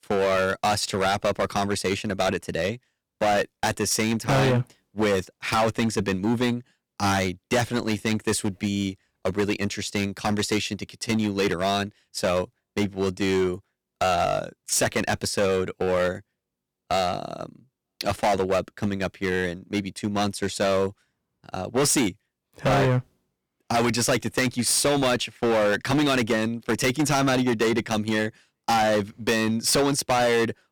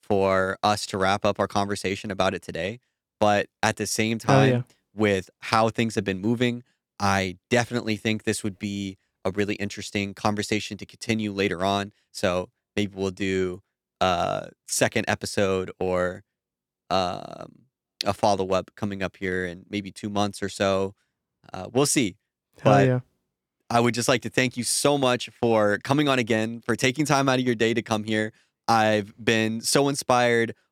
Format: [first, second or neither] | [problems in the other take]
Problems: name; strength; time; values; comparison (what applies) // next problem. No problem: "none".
second | distortion; heavy; 11% of the sound clipped